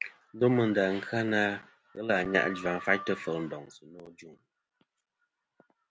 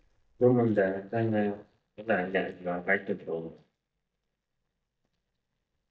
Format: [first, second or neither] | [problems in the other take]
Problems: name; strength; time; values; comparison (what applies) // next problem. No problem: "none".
first | noise reduction (neural mask model DeepFilterNet 3)